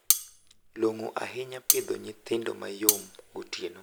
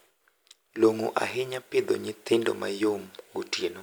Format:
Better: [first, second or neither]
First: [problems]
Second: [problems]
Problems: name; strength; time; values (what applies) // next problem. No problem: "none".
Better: second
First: background sound (Cutlery, silverware); 5 dB above the speech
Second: none